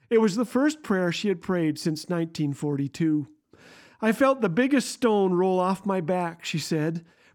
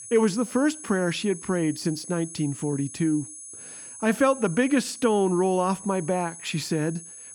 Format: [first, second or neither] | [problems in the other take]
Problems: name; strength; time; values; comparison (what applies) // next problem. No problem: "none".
first | high-pitched whine; noticeable; throughout; 10 kHz, 15 dB below the speech